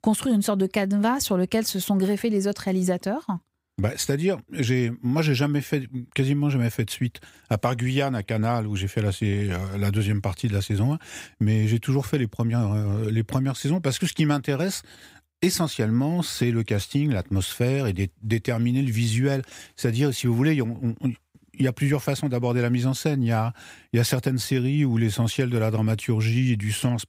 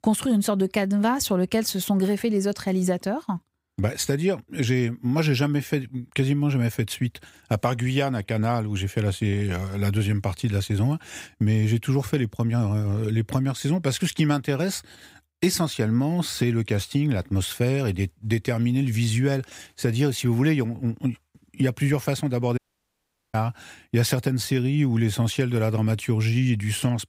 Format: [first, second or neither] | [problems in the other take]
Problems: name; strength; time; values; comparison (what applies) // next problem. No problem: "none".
first | audio cutting out; at 23 s for 1 s